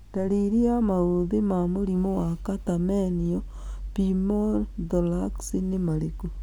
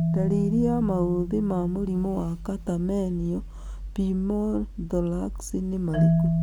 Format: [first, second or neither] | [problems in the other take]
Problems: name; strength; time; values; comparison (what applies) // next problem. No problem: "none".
first | background sound (Marimba, xylophone); 3 dB below the speech